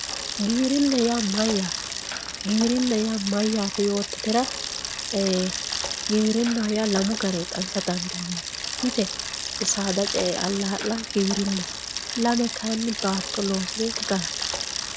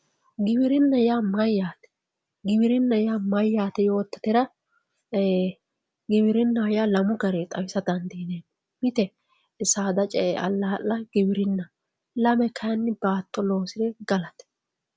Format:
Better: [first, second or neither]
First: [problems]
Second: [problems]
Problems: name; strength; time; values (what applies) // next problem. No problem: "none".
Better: second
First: background sound (Bicycle); 5 dB below the speech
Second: none